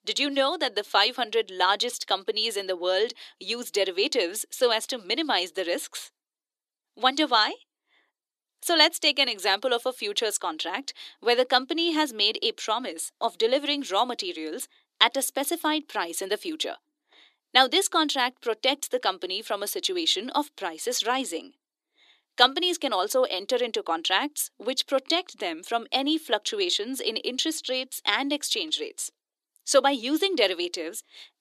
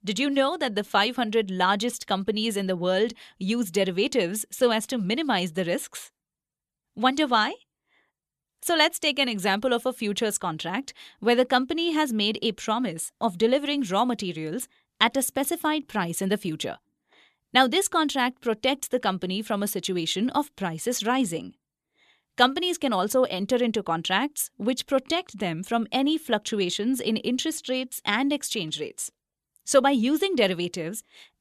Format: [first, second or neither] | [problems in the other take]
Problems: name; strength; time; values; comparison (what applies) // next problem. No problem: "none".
second | thin; somewhat; fading below 300 Hz